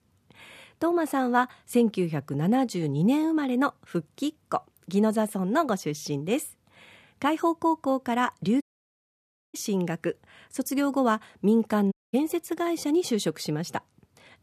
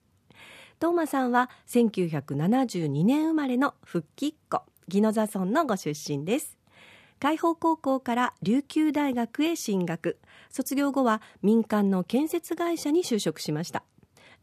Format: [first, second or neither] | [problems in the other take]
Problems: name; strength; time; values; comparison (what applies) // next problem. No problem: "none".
second | audio cutting out; at 8.5 s for 1 s and at 12 s